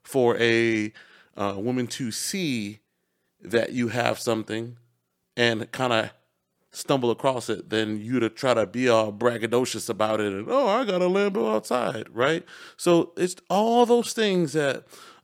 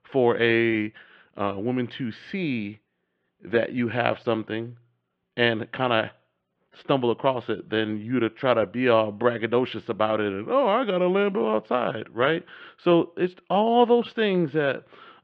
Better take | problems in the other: first | muffled; very; fading above 3 kHz

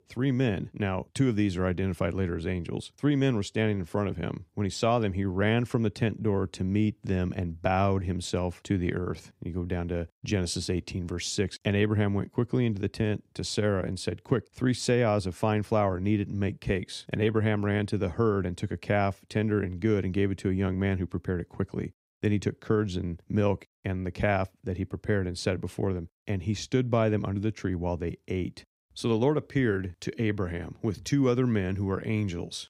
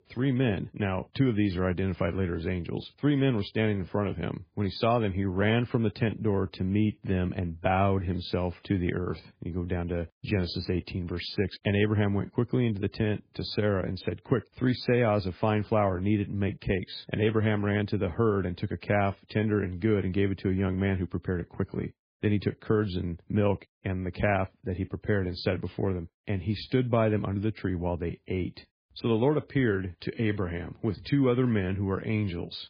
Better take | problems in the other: first | garbled, watery; badly; nothing above 4 kHz

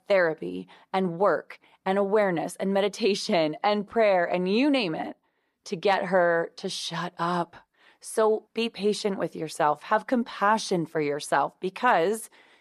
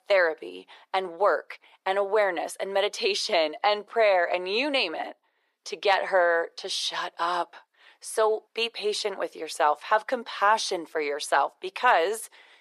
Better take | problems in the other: first | thin; very; fading below 400 Hz

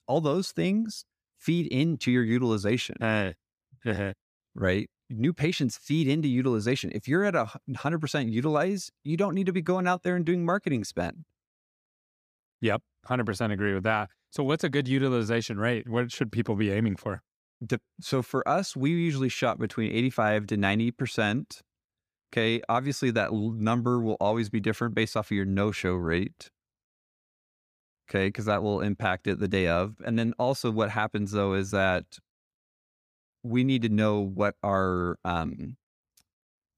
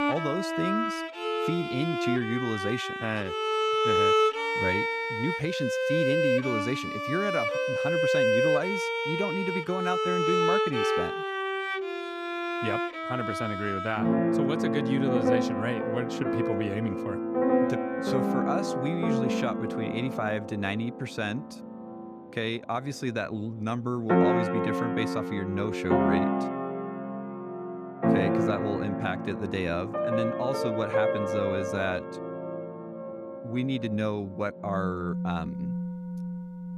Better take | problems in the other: first | background music; very loud; throughout; 4 dB above the speech

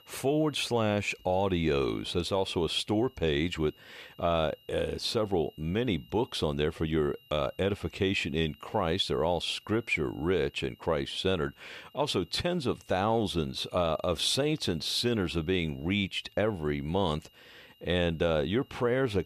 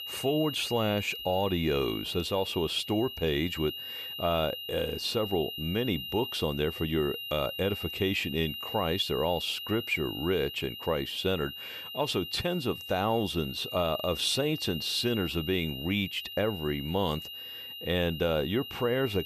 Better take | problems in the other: first | high-pitched whine; loud; throughout; 3 kHz, 7 dB below the speech; faint in the first

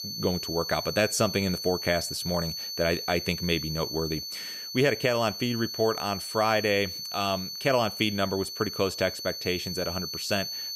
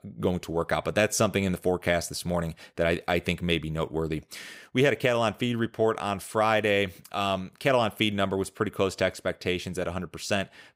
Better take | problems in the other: second | high-pitched whine; loud; throughout; 4.5 kHz, 5 dB below the speech

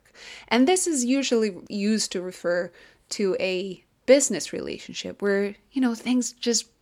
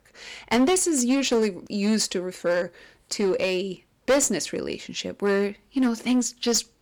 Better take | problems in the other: first | distortion; slight; 6% of the sound clipped

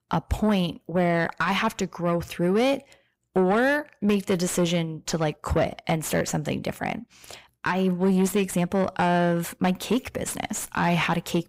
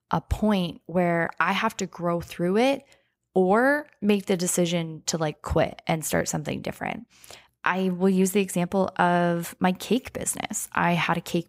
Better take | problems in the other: second | distortion; slight; 10 dB below the speech

